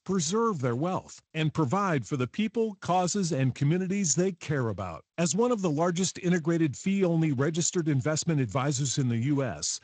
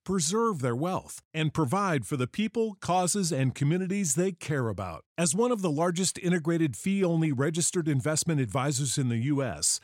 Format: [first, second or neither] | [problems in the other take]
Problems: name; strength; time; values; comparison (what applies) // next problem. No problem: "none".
second | garbled, watery; slightly; nothing above 7.5 kHz